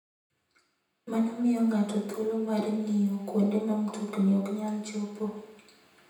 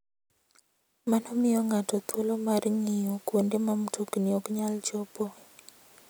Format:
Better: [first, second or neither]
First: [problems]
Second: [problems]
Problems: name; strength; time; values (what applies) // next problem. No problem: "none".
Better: second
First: room echo; dies away in 0.9 s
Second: none